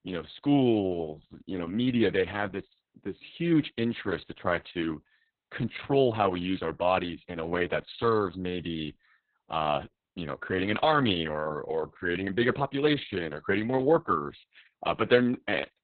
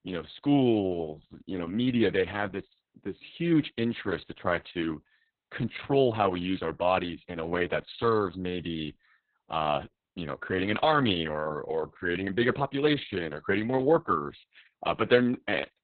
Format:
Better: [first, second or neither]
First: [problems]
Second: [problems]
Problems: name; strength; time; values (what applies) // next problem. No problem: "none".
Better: neither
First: garbled, watery; badly; nothing above 4 kHz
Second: garbled, watery; badly; nothing above 4 kHz